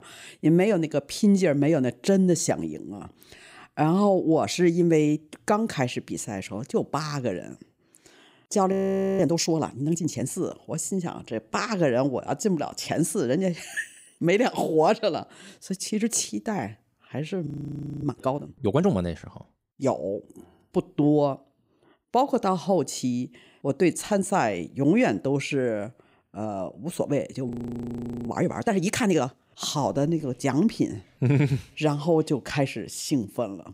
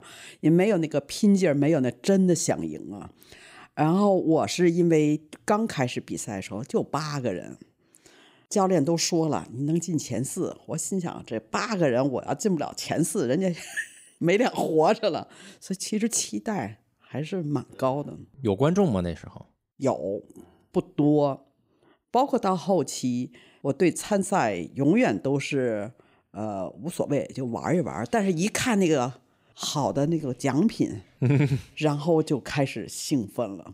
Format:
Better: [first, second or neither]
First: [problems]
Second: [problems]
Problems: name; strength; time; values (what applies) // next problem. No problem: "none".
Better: second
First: audio freezing; at 8.5 s, at 17 s for 0.5 s and at 27 s for 1 s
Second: none